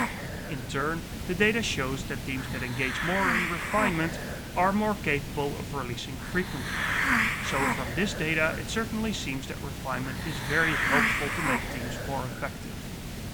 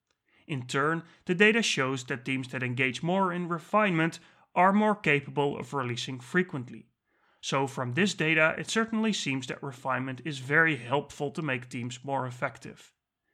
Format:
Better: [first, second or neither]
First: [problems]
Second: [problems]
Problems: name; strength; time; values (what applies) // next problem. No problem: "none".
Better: second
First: hiss; loud; throughout; 1 dB below the speech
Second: none